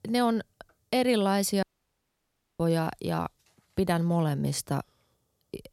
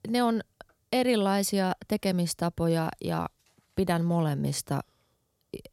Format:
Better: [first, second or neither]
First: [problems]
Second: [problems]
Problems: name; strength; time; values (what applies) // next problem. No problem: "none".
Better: second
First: audio cutting out; at 1.5 s for 1 s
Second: none